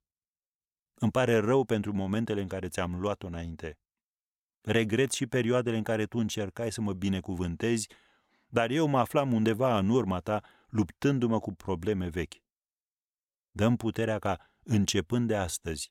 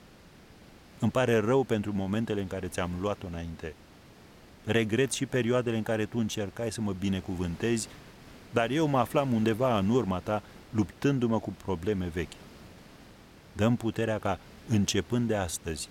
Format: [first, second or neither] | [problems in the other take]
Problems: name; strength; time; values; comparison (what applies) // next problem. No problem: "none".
first | hiss; faint; throughout; 20 dB below the speech